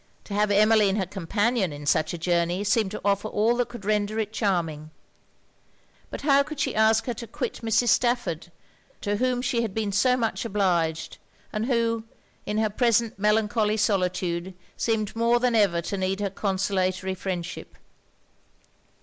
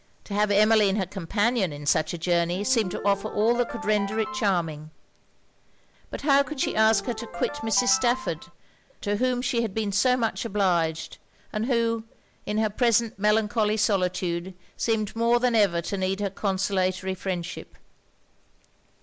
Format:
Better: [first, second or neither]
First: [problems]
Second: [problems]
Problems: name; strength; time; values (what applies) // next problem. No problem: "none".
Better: first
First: none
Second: background sound (Ringtone); 11 dB below the speech